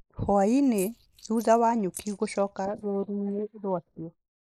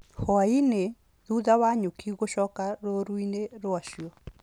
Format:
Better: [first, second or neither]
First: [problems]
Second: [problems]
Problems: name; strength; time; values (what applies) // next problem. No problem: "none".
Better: second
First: noise reduction (neural mask model Resemble Enhance denoiser)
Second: none